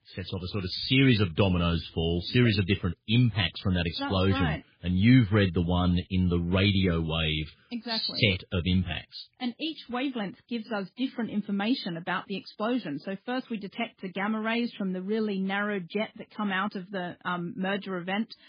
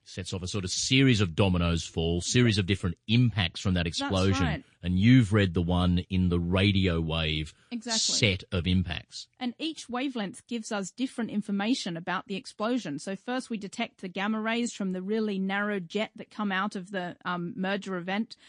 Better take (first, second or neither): second